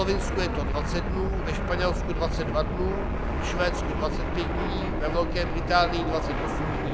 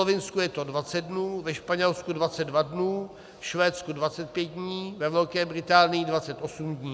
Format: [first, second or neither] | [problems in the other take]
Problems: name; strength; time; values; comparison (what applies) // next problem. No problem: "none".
second | background sound (Fixed-wing aircraft, airplane); 2 dB above the speech